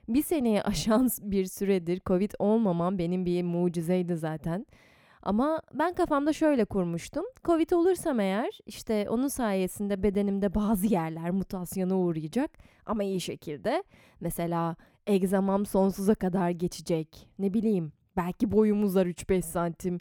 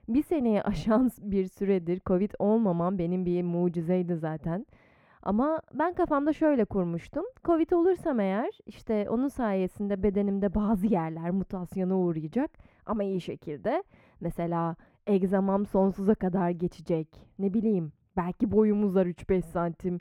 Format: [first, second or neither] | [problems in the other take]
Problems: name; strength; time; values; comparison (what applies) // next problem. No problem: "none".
first | muffled; slightly; fading above 3.5 kHz